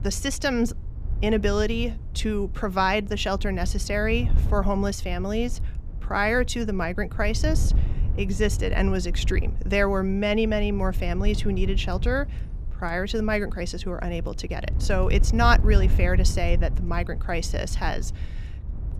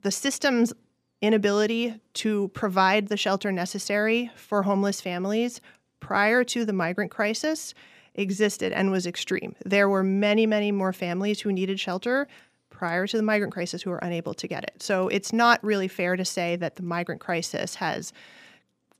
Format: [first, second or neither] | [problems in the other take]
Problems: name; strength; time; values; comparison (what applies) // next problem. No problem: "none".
second | wind noise on the microphone; occasional gusts; 20 dB below the speech